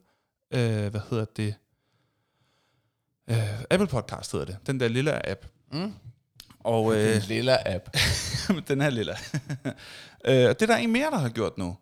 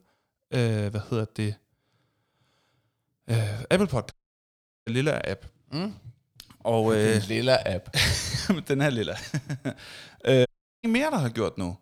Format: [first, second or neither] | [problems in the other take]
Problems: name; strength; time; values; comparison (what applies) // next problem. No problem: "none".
first | audio cutting out; at 4 s for 0.5 s and at 10 s